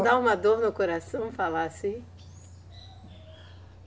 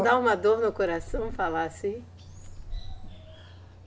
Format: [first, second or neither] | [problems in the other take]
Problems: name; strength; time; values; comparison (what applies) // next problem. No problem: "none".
first | background sound (Bird); 10 dB below the speech